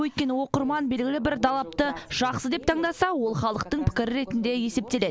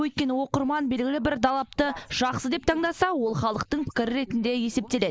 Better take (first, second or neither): first